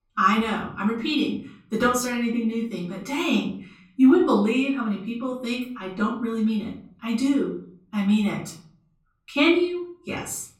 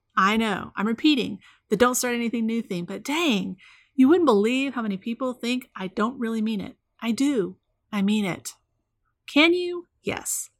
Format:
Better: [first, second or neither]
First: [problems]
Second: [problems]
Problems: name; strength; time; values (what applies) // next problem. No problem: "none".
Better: second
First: off-mic speech; far // room echo; slight; dies away in 0.5 s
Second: none